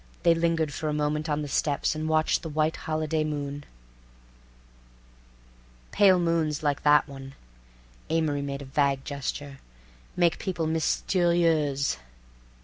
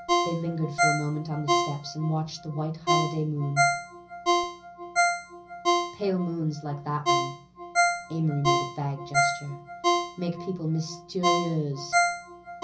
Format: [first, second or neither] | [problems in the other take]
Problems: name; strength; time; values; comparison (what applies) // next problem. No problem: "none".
first | background sound (Ringtone); 3 dB above the speech // room echo; dies away in 0.5 s